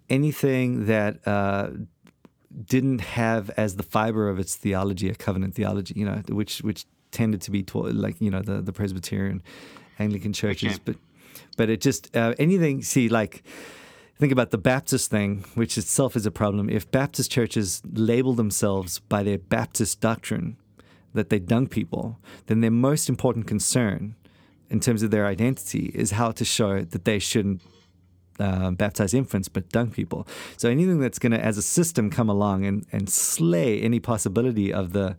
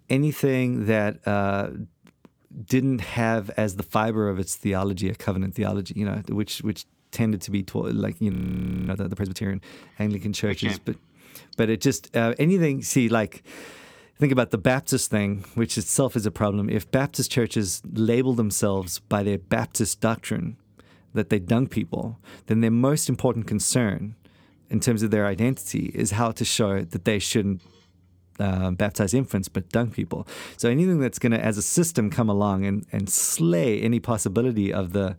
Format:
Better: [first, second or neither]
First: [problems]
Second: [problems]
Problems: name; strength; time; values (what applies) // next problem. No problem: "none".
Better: first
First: none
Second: audio freezing; at 8.5 s for 0.5 s